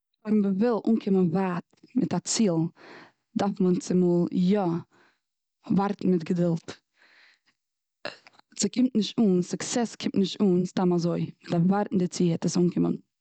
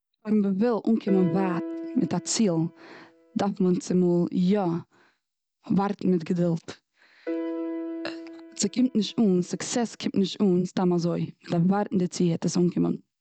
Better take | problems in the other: first | background sound (Piano); 11 dB below the speech

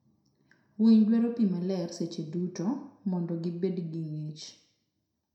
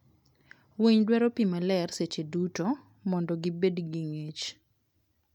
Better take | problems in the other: second | room echo; dies away in 0.6 s

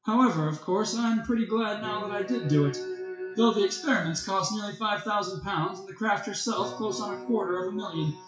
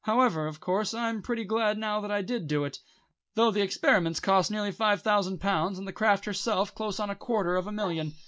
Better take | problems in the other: second | noise reduction (classical method WPE with log-MMSE)

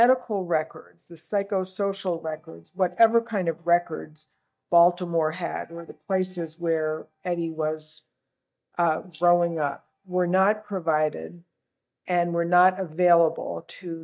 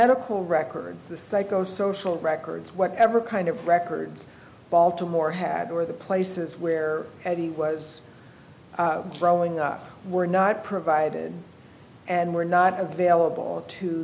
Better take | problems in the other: second | noise reduction (neural mask model DeepFilterNet 3)

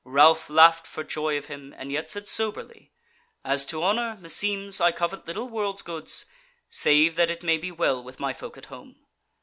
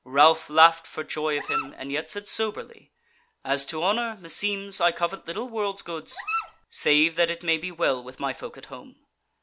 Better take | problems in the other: first | background sound (Dog); 8 dB below the speech

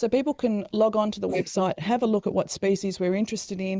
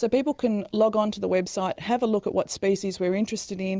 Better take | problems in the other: second | noise reduction (neural mask model Resemble Enhance denoiser)

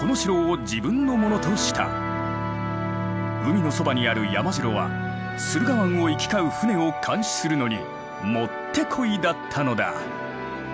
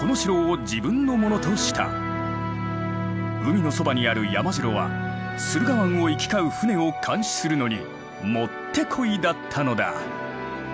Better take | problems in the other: second | background sound (Brass instrument); 14 dB below the speech

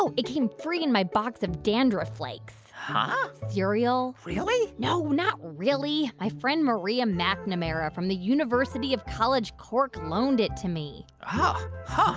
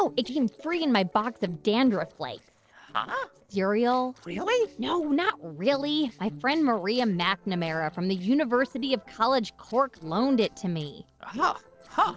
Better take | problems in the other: first | noise reduction (neural separator model SepFormer DNS4)

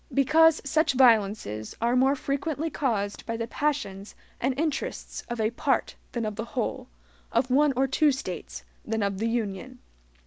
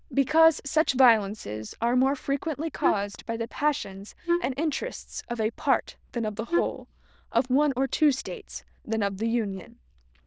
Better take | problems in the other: first | noise reduction (neural diffusion model UNIVERSE++)

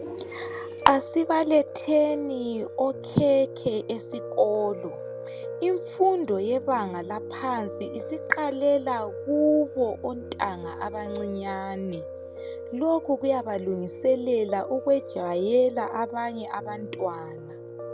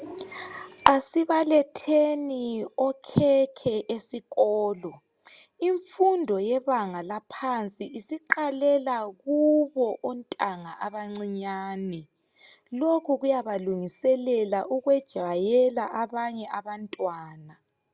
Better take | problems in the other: second | background sound (Piano); 11 dB below the speech

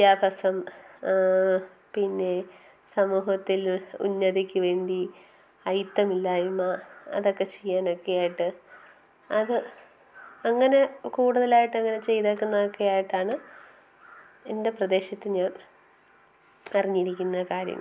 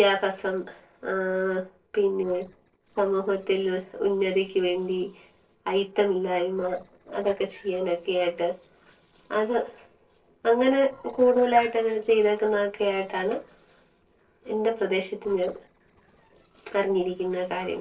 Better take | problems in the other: first | noise reduction (neural separator model SepFormer DNS4)

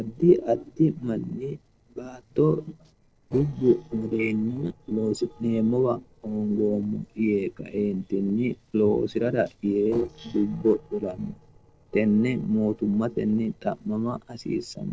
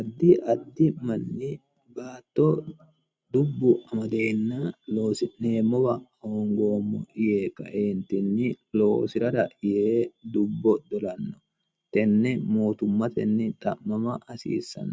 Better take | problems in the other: second | noise reduction (neural separator model SepFormer DNS4)

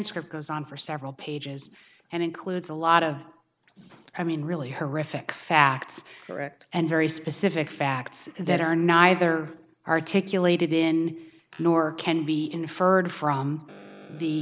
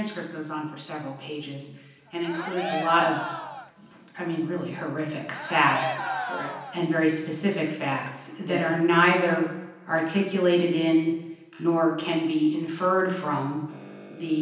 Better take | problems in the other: first | background sound (Cheering); 7 dB below the speech // room echo; dies away in 0.9 s

